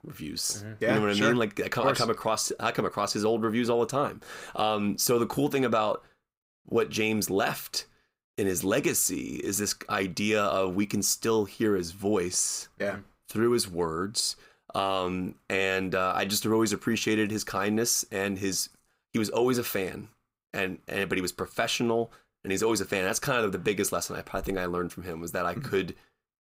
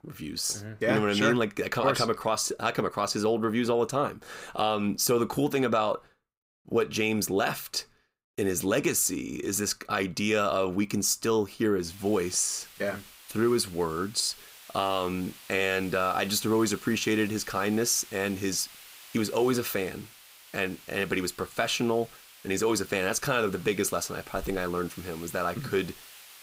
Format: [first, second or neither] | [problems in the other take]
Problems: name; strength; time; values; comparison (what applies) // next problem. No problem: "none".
first | hiss; noticeable; from 12 s on; 20 dB below the speech